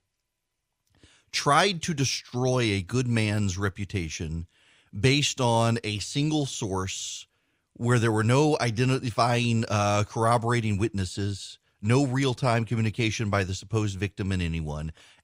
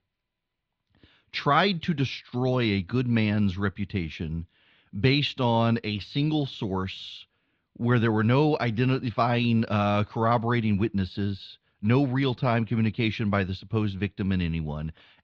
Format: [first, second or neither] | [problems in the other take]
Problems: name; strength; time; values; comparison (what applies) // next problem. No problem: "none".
first | muffled; slightly; fading above 4 kHz